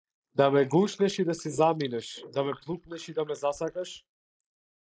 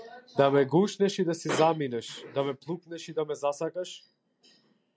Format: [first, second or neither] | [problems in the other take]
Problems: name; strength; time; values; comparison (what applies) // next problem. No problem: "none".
second | noise reduction (neural mask model Resemble Enhance denoiser)